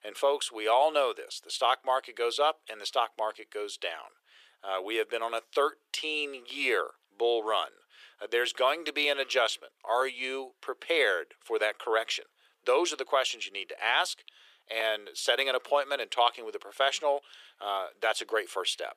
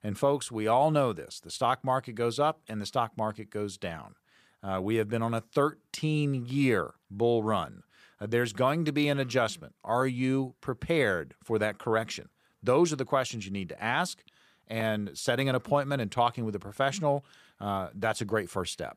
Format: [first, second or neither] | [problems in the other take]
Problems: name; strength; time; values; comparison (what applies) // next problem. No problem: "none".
second | thin; very; fading below 400 Hz